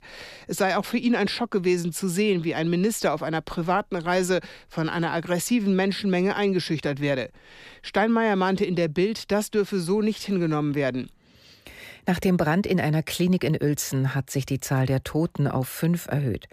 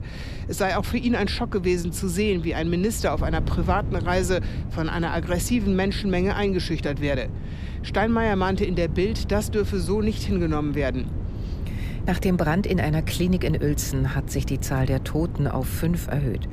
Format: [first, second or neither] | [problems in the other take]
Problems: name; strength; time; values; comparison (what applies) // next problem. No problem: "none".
first | wind noise on the microphone; occasional gusts; 15 dB below the speech